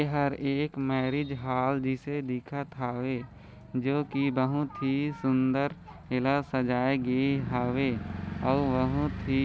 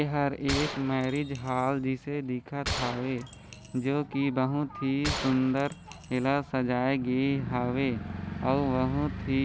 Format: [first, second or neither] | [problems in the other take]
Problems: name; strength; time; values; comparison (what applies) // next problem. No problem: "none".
first | background sound (Gunshot, gunfire); 10 dB below the speech